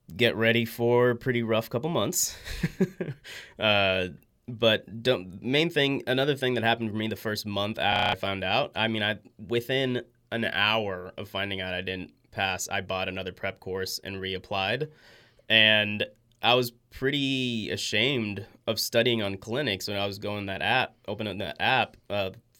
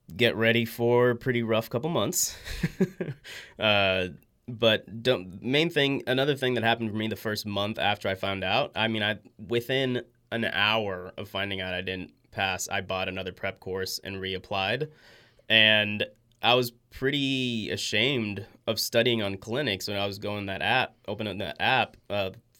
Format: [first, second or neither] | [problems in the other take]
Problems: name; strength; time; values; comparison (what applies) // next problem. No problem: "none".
second | audio freezing; at 8 s